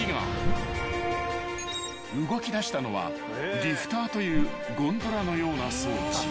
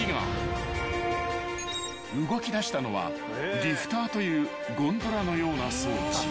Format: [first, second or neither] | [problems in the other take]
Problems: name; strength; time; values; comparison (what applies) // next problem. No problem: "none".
second | background sound (Whoosh, swoosh, swish); 5 dB below the speech